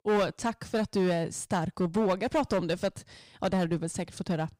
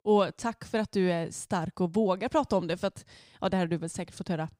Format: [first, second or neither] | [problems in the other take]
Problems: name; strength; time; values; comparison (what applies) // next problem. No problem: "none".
second | distortion; slight; 7% of the sound clipped